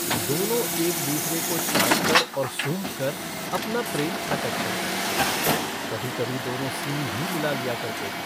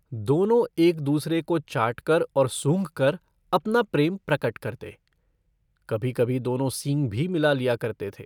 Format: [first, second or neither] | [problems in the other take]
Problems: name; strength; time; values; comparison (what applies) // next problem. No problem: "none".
second | background sound (Truck); 4 dB above the speech